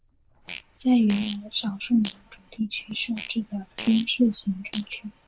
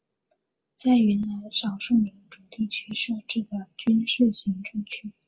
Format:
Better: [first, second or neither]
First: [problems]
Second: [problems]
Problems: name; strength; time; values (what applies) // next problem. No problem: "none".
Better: second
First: noise reduction (neural diffusion model UNIVERSE++)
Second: none